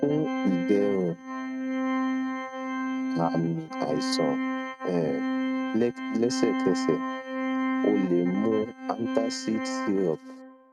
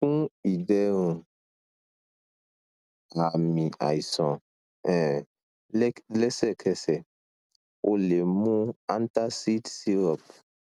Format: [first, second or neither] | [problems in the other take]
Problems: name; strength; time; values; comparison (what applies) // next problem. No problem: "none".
second | noise reduction (neural mask model RNNoise)